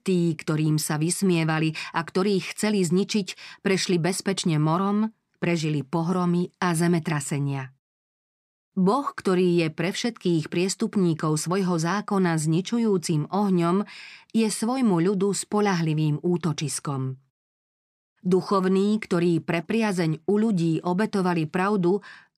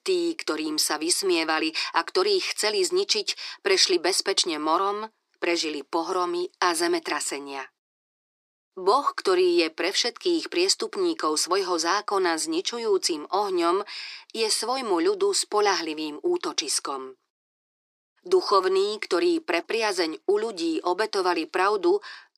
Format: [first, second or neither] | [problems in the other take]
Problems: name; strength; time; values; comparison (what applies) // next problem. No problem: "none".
first | thin; very; fading below 350 Hz